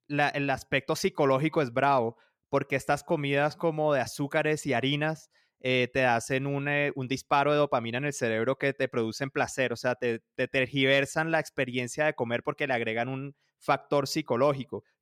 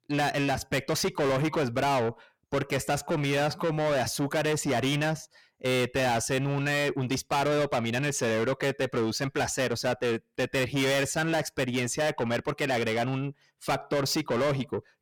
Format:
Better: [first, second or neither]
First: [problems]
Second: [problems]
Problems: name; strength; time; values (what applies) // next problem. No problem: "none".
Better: first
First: none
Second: distortion; heavy; 6 dB below the speech